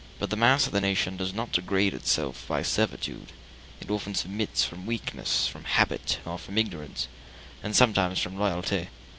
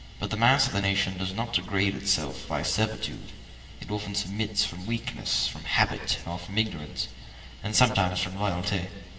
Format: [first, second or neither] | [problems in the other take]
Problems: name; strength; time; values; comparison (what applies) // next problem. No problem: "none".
first | room echo; dies away in 2.4 s